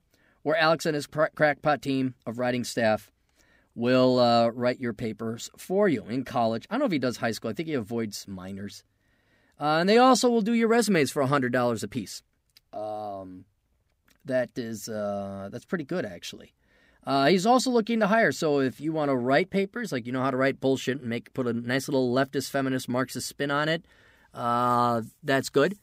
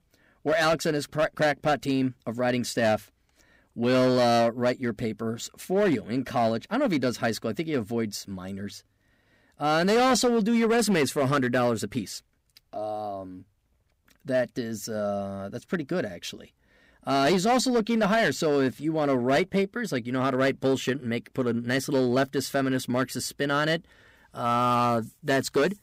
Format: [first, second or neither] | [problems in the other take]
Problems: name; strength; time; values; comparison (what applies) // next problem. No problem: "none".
first | distortion; slight; 7% of the sound clipped